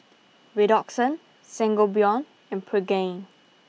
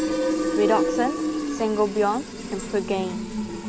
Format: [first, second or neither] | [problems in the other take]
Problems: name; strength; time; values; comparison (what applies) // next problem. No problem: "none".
first | background sound (Fill (with liquid)); as loud as the speech